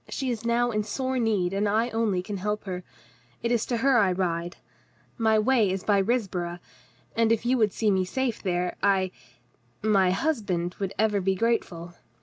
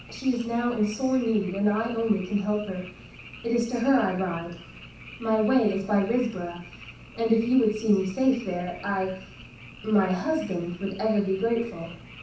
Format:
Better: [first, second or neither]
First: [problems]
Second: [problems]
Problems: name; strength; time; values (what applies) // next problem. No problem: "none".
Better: first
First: none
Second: background sound (Frog); 18 dB below the speech // room echo; dies away in 0.7 s